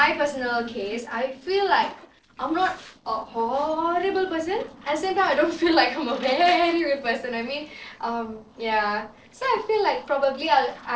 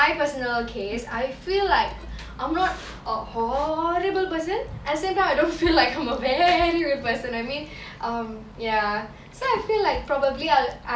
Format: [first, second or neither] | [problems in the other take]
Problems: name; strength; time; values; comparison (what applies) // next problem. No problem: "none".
second | noise reduction (neural separator model SepFormer DNS4)